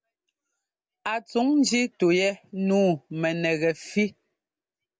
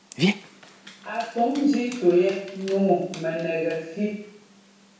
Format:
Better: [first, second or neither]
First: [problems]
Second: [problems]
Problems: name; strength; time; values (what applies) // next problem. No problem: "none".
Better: first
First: none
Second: background sound (Dog); 9 dB below the speech // room echo; dies away in 0.7 s